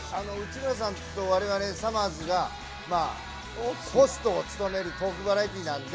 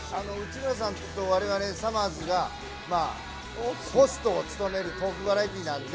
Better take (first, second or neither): first